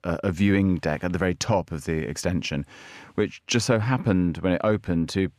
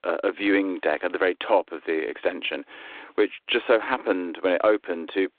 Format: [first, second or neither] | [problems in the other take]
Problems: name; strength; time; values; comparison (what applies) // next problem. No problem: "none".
first | phone-call audio